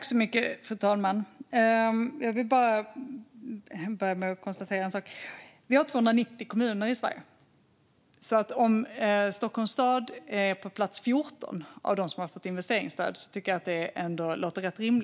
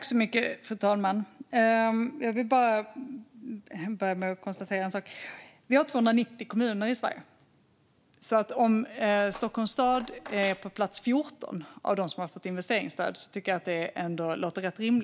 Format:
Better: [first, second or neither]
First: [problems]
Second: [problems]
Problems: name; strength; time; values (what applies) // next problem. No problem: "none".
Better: first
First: none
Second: background sound (Cutlery, silverware); 19 dB below the speech